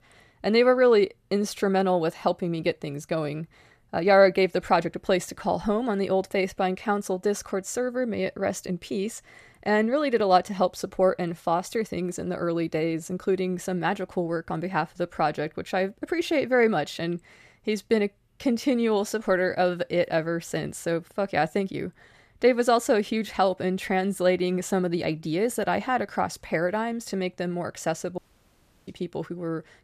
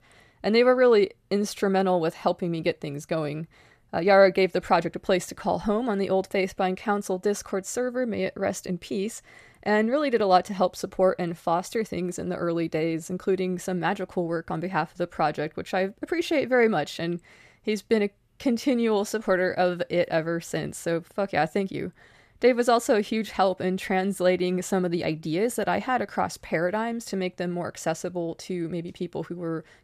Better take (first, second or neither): second